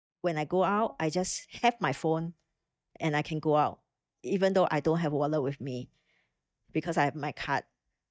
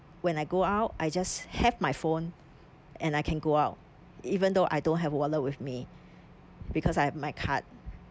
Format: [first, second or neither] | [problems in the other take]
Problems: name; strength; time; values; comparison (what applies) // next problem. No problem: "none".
second | noise reduction (neural mask model DeepFilterNet 3)